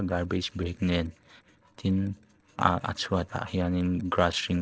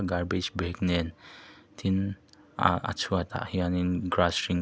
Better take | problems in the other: second | noise reduction (neural separator model SepFormer DNS4)

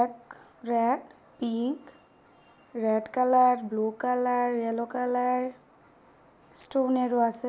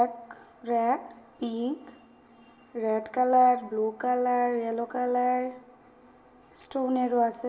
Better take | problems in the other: first | room echo; dies away in 2.6 s

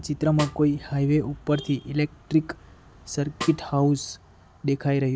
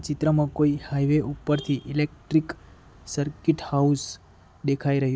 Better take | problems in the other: second | background sound (Snare drum); 15 dB below the speech

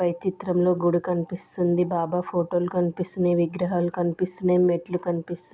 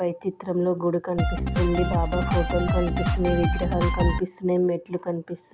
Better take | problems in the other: first | background sound (Drum kit); 2 dB above the speech

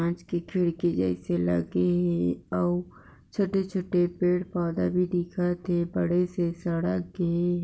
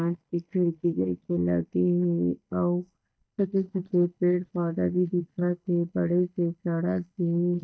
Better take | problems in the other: first | noise reduction (neural mask model DeepFilterNet 3)

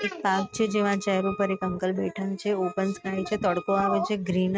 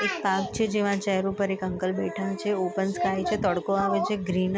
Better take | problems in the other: second | noise reduction (neural mask model RNNoise)

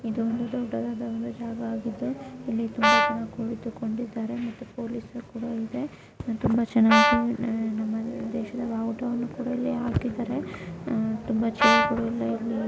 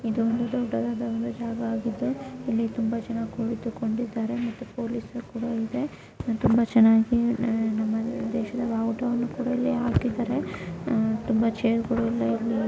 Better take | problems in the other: second | background sound (Brass instrument); 3 dB above the speech

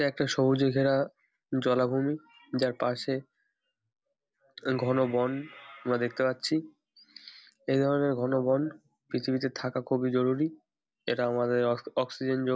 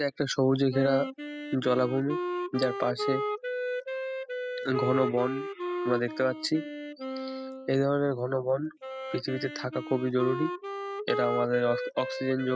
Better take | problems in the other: first | noise reduction (classical method spectral subtraction)

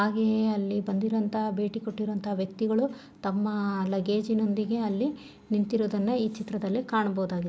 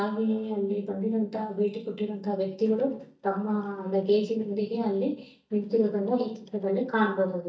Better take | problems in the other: first | noise reduction (neural mask model DeepFilterNet 3)

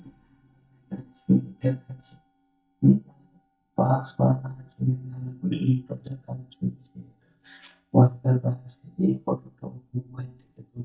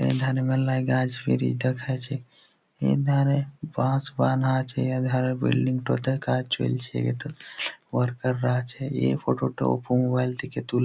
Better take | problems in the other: second | noise reduction (neural mask model DeepFilterNet 3)

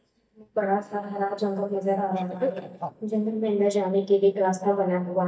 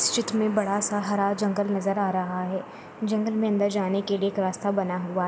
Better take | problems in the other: second | noise reduction (neural mask model DeepFilterNet 3)

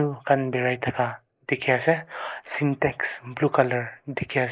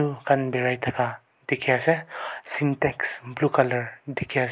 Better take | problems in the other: second | noise reduction (neural mask model Resemble Enhance denoiser)

